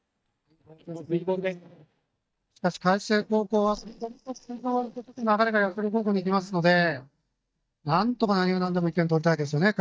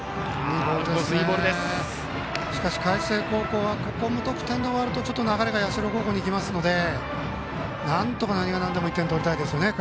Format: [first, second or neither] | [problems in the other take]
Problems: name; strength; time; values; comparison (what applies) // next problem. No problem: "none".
second | noise reduction (neural mask model DeepFilterNet 3)